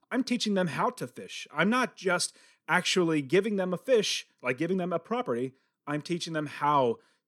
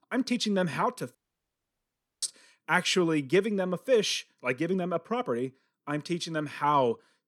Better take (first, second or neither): first